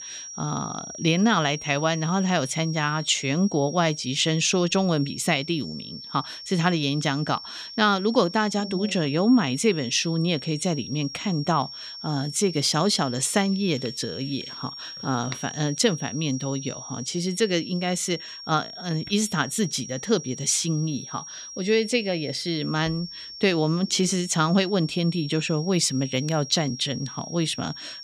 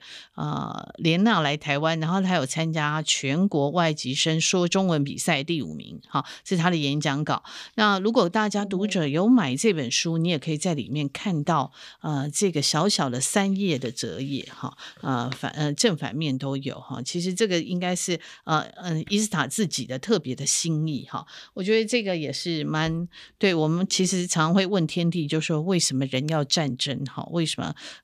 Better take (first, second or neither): second